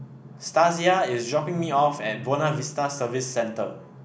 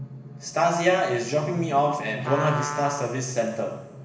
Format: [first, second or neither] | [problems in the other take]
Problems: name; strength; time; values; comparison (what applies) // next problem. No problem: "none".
first | background sound (Trumpet); 11 dB below the speech // room echo; dies away in 1.3 s